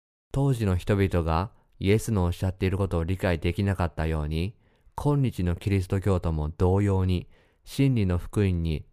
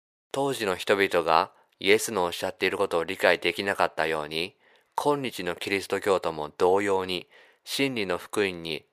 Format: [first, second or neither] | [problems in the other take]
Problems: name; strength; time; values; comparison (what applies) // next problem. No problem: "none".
first | thin; very; fading below 550 Hz